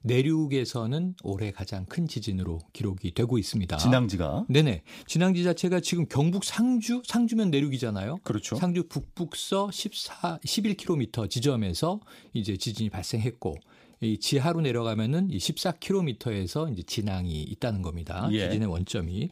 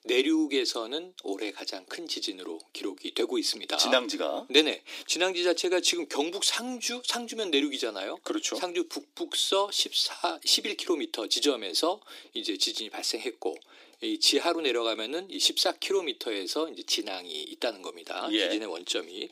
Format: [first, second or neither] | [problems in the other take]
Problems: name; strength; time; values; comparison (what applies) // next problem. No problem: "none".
first | thin; very; fading below 300 Hz